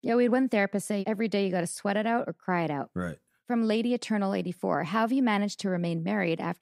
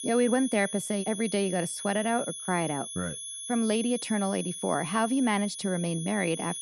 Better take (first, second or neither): first